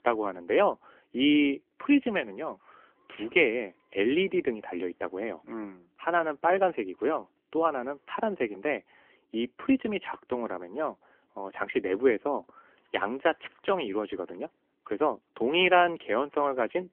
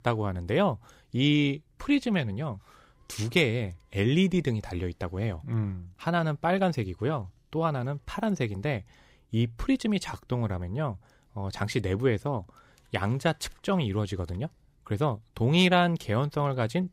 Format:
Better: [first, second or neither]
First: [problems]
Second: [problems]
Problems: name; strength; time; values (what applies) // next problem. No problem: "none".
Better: second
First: phone-call audio; nothing above 3 kHz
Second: none